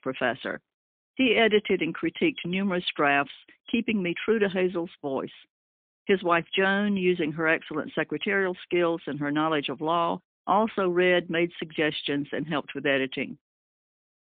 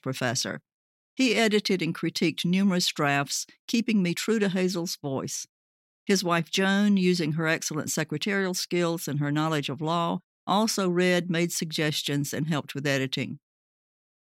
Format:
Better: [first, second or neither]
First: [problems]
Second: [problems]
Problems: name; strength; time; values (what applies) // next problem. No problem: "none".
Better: second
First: phone-call audio; poor line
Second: none